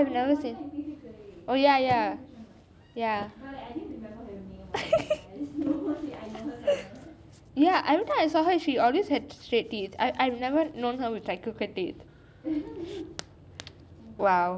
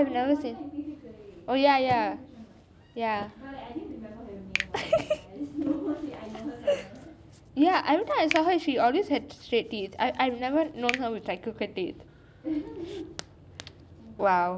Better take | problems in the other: first | background sound (Finger snapping); 12 dB below the speech

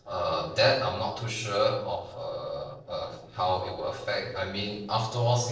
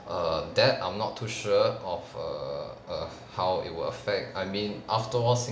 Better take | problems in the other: second | noise reduction (neural separator model SepFormer DNS4)

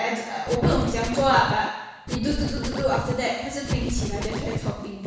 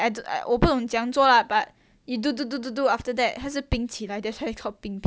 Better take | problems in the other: second | background sound (Scratching (performance technique)); 4 dB below the speech // room echo; dies away in 1.1 s

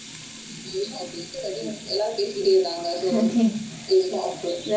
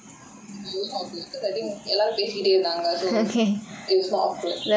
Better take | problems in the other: second | background sound (Sink (filling or washing) / Water tap, faucet); 17 dB below the speech // room echo; dies away in 0.4 s

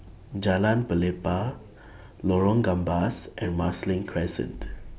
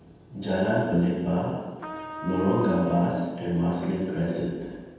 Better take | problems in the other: first | background sound (Trumpet); 12 dB below the speech // room echo; dies away in 1.2 s

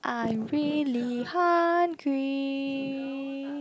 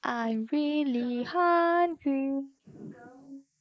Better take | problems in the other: first | noise reduction (neural mask model Resemble Enhance denoiser)

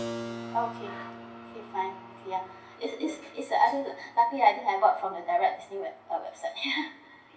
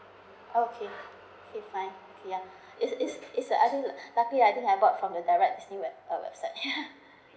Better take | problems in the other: second | background sound (Keyboard (musical)); 15 dB below the speech // room echo; dies away in 0.2 s

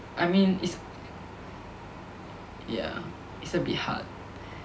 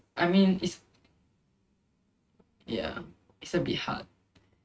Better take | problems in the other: first | noise reduction (neural mask model RNNoise)

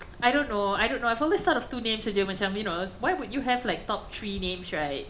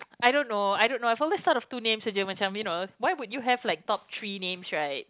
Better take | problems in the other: second | background sound (Mechanisms); 16 dB below the speech // room echo; dies away in 0.4 s

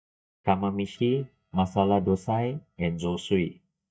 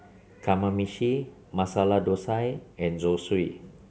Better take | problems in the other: second | noise reduction (neural mask model DeepFilterNet 3)

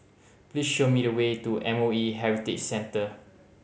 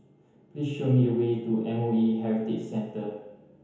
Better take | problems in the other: first | room echo; dies away in 1 s

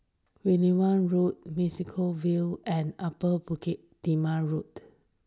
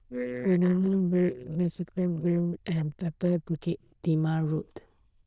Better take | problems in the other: first | noise reduction (neural diffusion model UNIVERSE++)

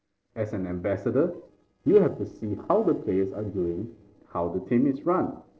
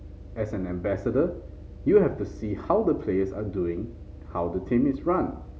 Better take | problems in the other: second | noise reduction (neural separator model SepFormer DNS4)

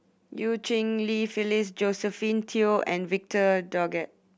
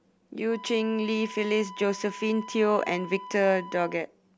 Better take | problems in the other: first | background sound (Wind instrument, woodwind instrument); 16 dB below the speech

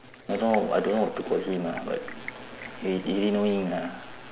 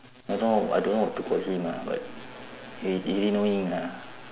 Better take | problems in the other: second | background sound (Stream); 18 dB below the speech

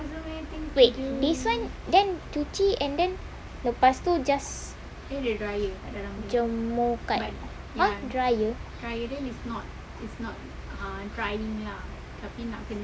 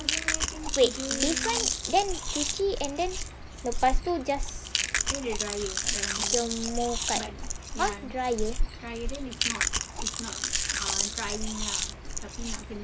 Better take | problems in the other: first | background sound (Chewing, mastication); 1 dB above the speech

